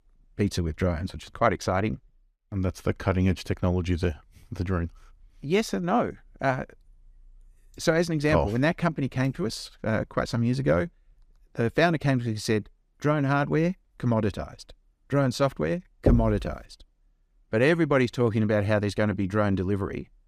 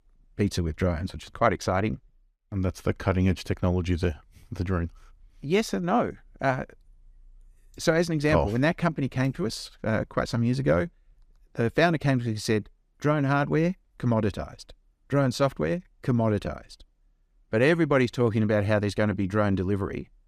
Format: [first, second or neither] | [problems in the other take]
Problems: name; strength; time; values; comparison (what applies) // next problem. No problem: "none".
second | door banging; loud; at 16 s; peak 1 dB above the speech